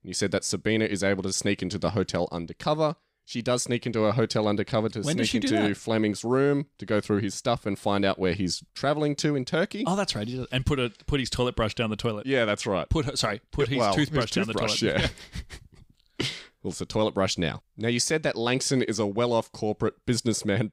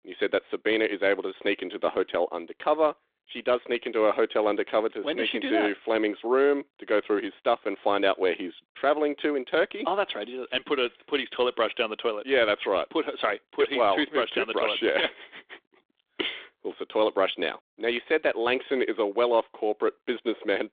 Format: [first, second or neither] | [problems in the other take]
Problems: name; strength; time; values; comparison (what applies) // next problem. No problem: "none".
first | phone-call audio